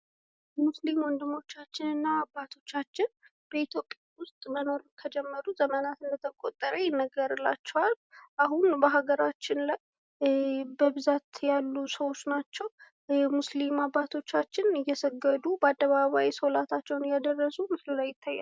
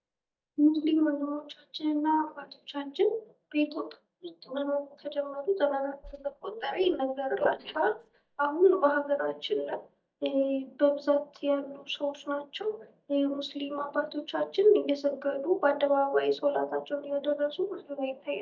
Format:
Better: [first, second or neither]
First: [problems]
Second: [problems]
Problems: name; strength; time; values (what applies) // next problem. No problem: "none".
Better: first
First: none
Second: noise reduction (neural mask model DeepFilterNet 3)